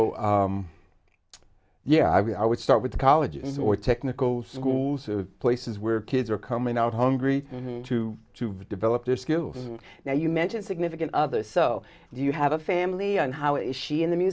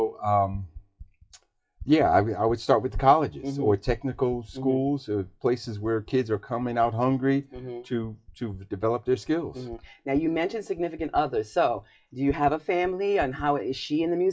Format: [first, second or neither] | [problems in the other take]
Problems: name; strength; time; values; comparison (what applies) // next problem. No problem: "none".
first | noise reduction (classical method WPE with log-MMSE)